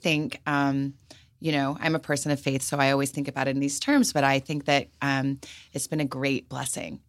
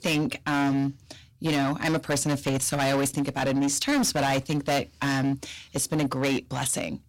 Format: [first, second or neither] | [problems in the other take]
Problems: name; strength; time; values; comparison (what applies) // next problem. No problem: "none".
first | distortion; heavy; 19% of the sound clipped